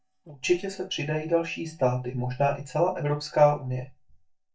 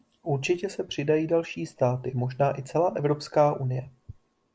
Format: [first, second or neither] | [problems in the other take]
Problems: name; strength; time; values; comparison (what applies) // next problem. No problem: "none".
second | noise reduction (neural mask model DeepFilterNet 3)